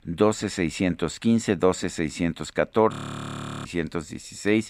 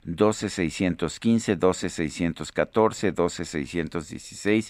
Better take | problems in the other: second | audio freezing; at 3 s for 0.5 s

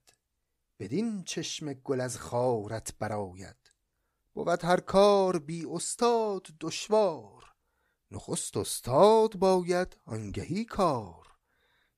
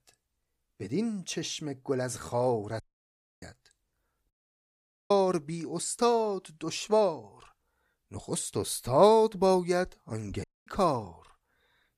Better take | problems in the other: first | audio cutting out; at 3 s for 0.5 s, at 4.5 s for 1 s and at 10 s

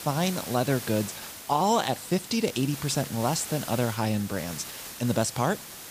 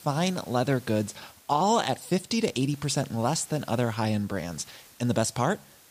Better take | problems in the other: second | hiss; loud; throughout; 10 dB below the speech; faint in the second

